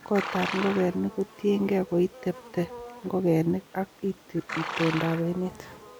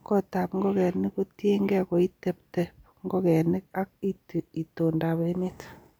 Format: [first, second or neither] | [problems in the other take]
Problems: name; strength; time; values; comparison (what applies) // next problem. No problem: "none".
second | background sound (Livestock, farm animals, working animals); 11 dB below the speech